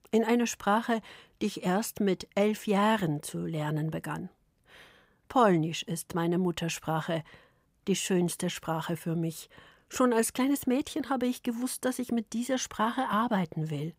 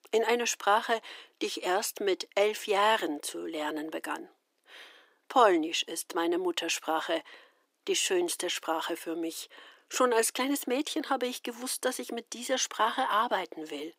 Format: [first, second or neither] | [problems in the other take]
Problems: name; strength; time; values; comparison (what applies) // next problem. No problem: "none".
first | thin; somewhat; fading below 300 Hz